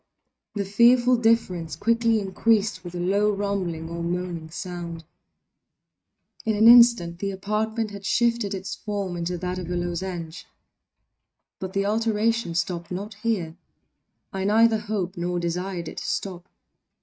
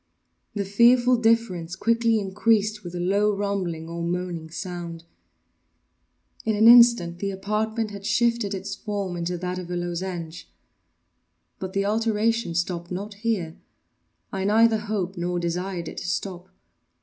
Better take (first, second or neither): second